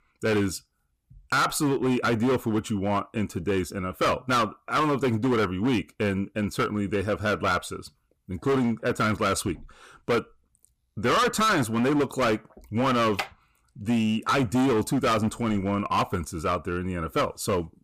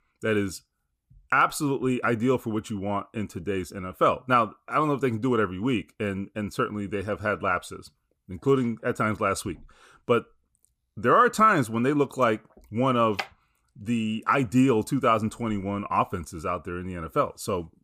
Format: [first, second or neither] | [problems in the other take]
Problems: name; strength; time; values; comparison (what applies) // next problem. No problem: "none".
second | distortion; heavy; 14% of the sound clipped